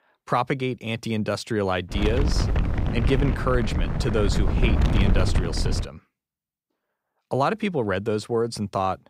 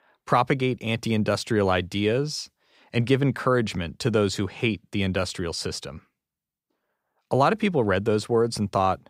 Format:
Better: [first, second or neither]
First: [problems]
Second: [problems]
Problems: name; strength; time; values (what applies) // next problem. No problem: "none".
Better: second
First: wind noise on the microphone; heavy; from 2 to 6 s; 6 dB below the speech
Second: none